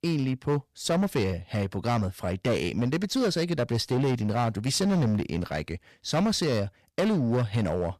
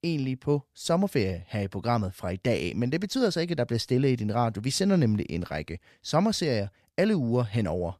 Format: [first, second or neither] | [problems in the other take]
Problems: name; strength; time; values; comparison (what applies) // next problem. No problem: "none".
second | distortion; slight; 13% of the sound clipped